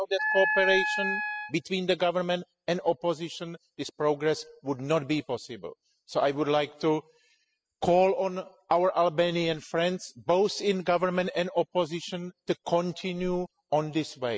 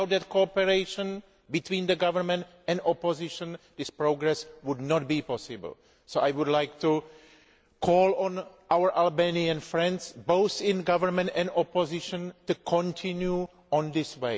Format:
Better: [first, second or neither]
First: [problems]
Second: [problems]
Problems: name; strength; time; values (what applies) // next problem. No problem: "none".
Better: second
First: noise reduction (classical method spectral subtraction)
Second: none